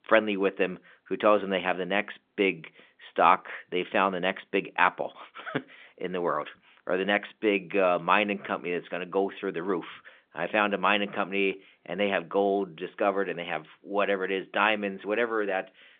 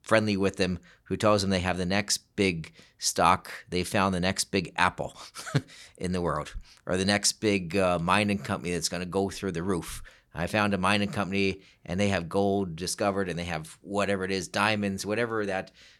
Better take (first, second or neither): second